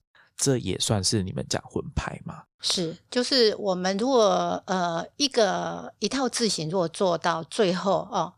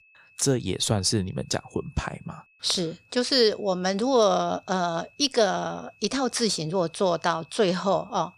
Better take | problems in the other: first | high-pitched whine; faint; throughout; 2.5 kHz, 30 dB below the speech

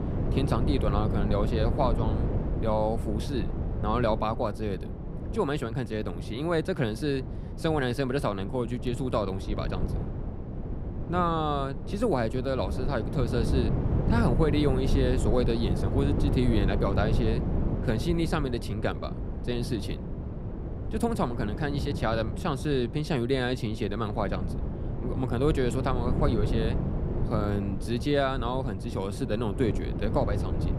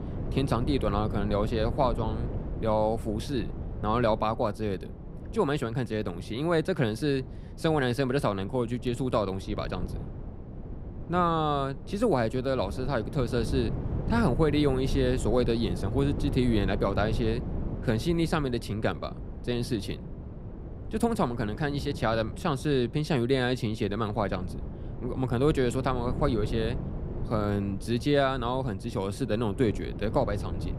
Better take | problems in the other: second | wind noise on the microphone; heavy; 9 dB below the speech; occasional gusts in the second

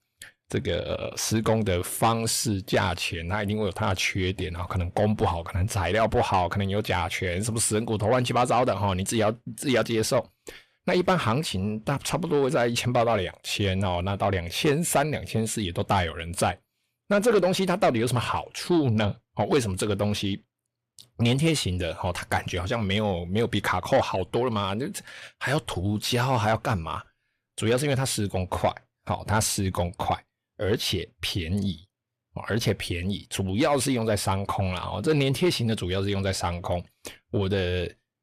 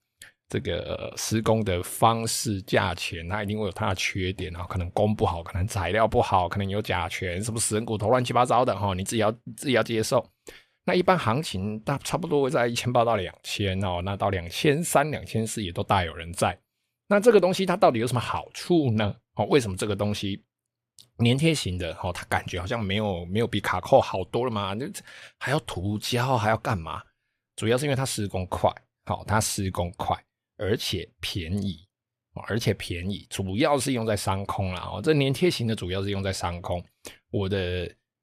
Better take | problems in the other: second | distortion; slight; 10 dB below the speech

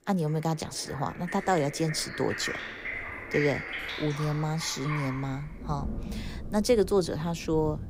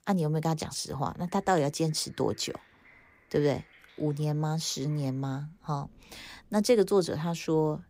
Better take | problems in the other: second | rain or running water; loud; throughout; 8 dB below the speech; faint in the second

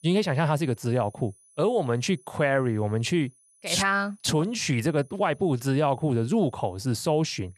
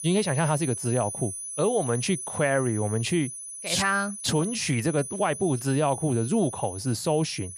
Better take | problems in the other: first | high-pitched whine; loud; throughout; 10 kHz, 8 dB below the speech; faint in the first

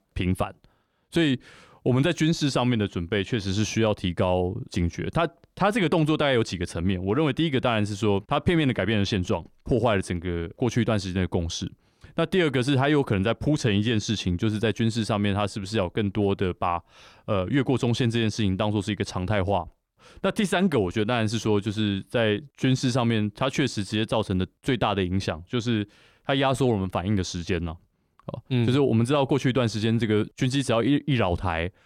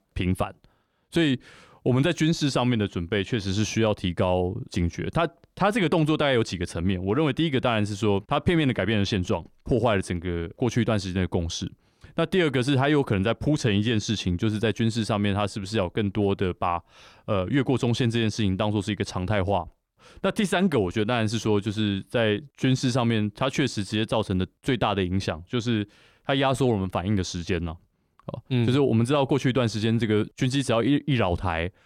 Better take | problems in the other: neither | none

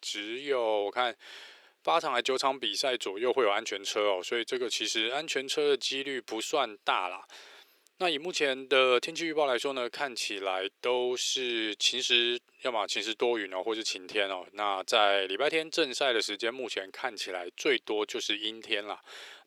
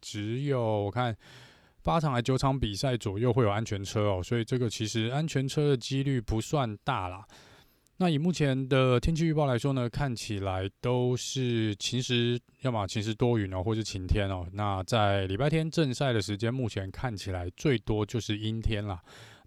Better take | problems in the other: second | thin; very; fading below 400 Hz

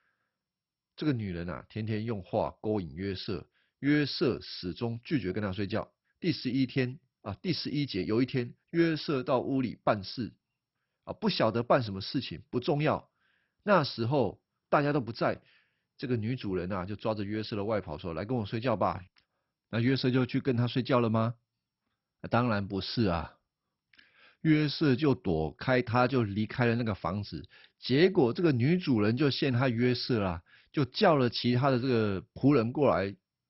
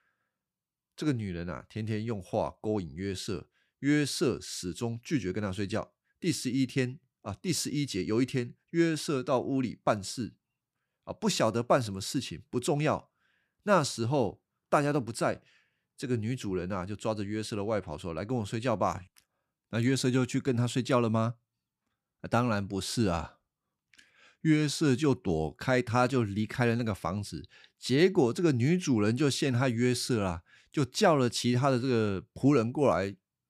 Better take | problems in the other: second | garbled, watery; badly; nothing above 5.5 kHz

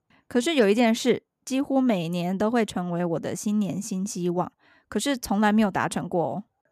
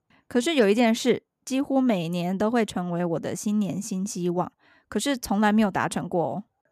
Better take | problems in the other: neither | none

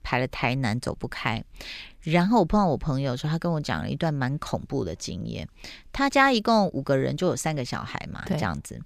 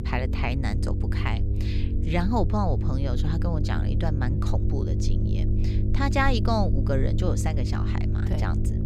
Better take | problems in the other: first | low rumble; loud; throughout; 7 dB below the speech

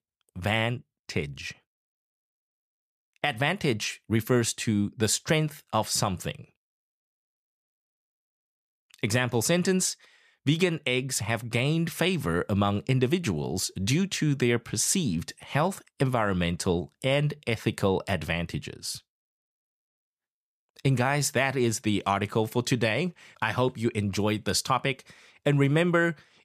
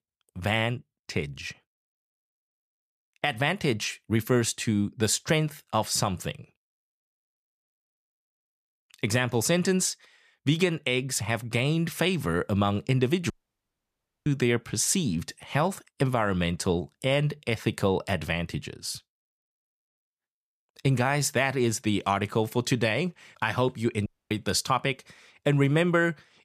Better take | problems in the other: first | audio cutting out; at 13 s for 1 s and at 24 s

